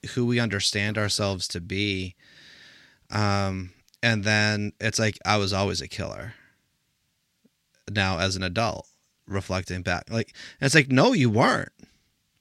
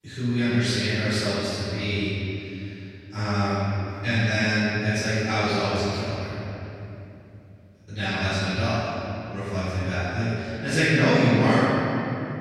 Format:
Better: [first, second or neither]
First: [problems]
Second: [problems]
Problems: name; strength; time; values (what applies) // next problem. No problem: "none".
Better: first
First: none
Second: off-mic speech; far // room echo; strong; dies away in 3 s